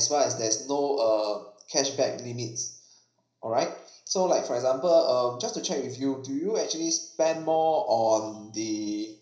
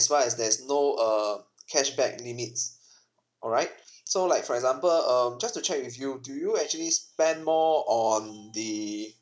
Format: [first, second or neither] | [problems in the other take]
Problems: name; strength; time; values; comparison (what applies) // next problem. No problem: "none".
second | room echo; dies away in 0.5 s